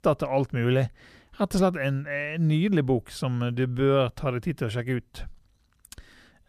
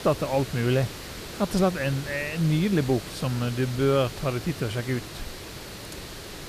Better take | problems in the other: first | hiss; noticeable; throughout; 10 dB below the speech

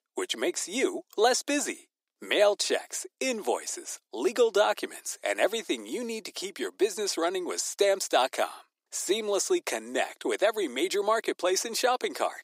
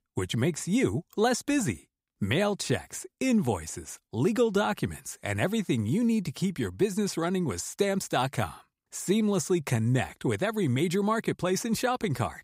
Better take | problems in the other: second | thin; very; fading below 300 Hz

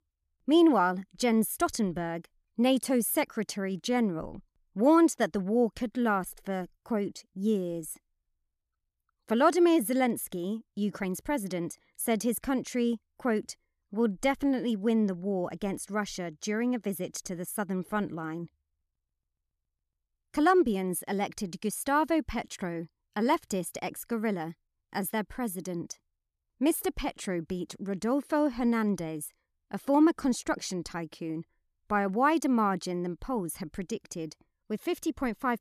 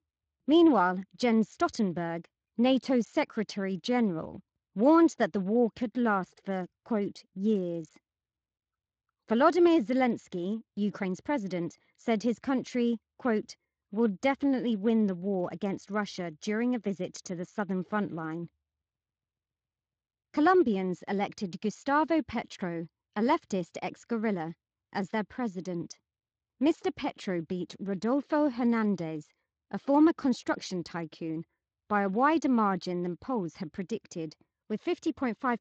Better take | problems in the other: first | garbled, watery; slightly

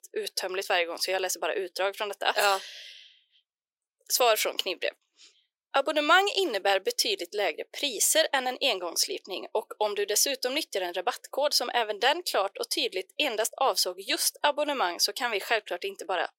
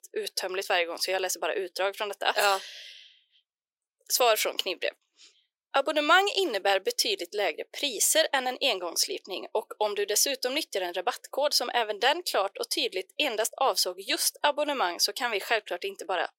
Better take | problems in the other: neither | thin; very; fading below 400 Hz; the same in both

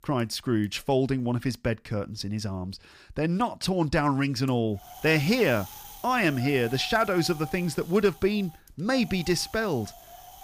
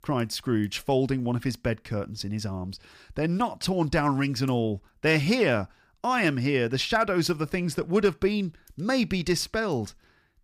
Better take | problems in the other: second | wind noise on the microphone; occasional gusts; from 5 s on; 15 dB below the speech

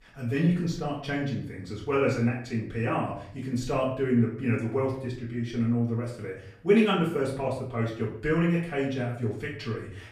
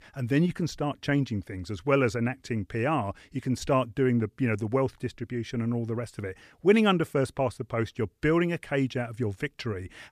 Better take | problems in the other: second | off-mic speech; far // room echo; slight; dies away in 0.5 s

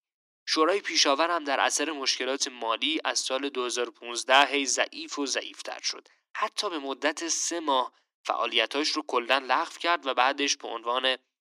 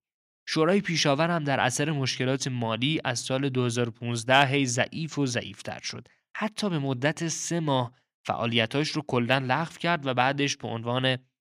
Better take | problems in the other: second | thin; somewhat; fading below 300 Hz

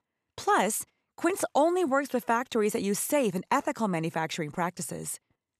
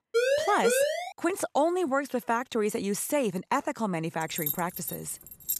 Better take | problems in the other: first | siren; loud; at the start; peak 4 dB above the speech // jangling keys; noticeable; from 4 s on; peak 2 dB below the speech

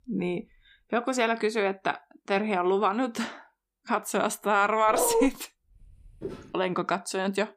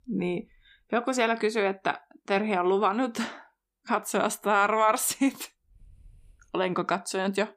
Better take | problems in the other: second | dog barking; loud; at 5 s; peak 2 dB above the speech // footsteps; faint; at 6 s; peak 15 dB below the speech

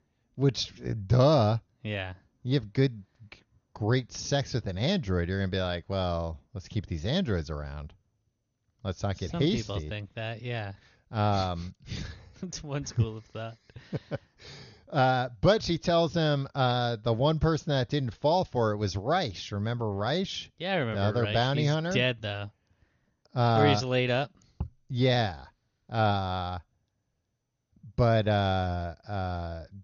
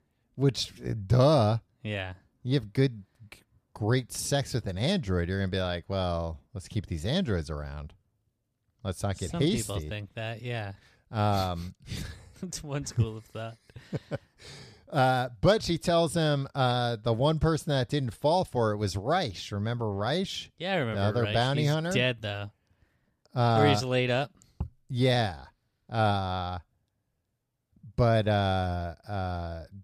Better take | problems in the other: second | garbled, watery; slightly; nothing above 6.5 kHz

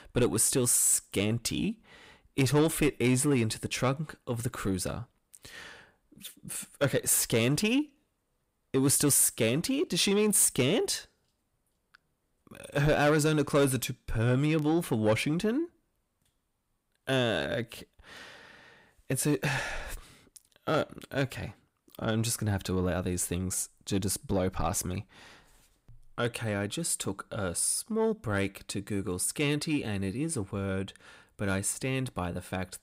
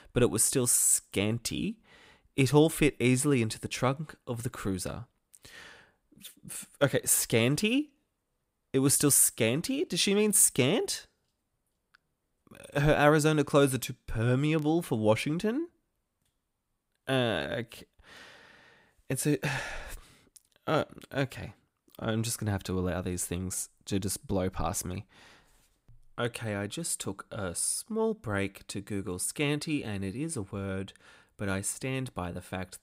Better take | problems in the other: second | distortion; slight; 10 dB below the speech

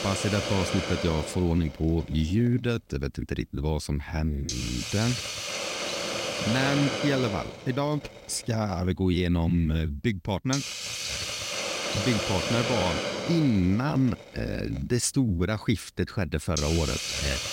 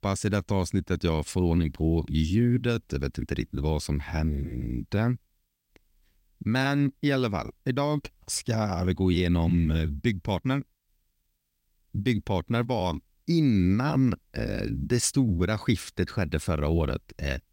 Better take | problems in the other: second | hiss; loud; throughout; 3 dB below the speech

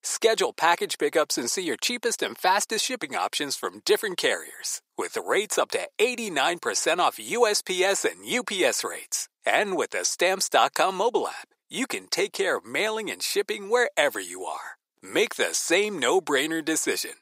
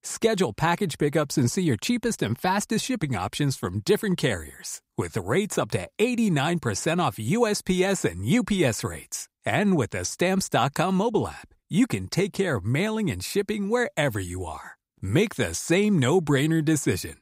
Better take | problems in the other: second | thin; very; fading below 400 Hz

